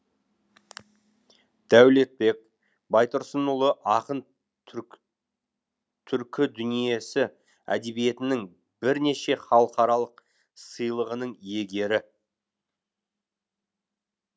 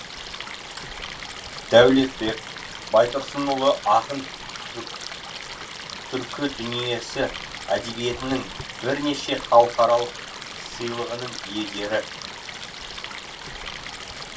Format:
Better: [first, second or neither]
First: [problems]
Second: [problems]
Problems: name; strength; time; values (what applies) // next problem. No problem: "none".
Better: first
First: none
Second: background sound (Stream); 11 dB below the speech // room echo; dies away in 0.2 s